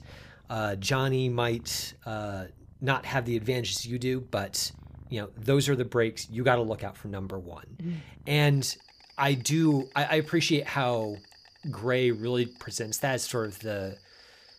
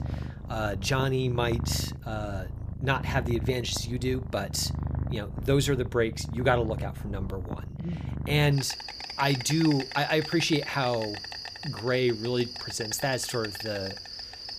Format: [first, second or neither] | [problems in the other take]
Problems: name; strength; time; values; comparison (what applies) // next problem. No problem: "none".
first | animal sounds; loud; throughout; 7 dB below the speech; faint in the first